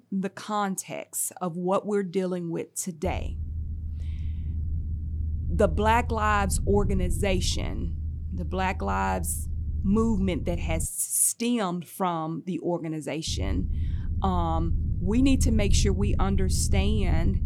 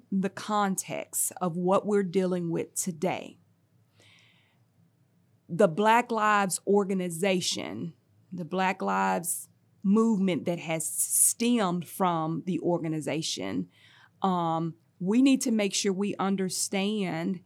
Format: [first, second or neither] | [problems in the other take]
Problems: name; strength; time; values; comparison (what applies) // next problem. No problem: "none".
second | low rumble; noticeable; from 3 to 11 s and from 13 s on; 15 dB below the speech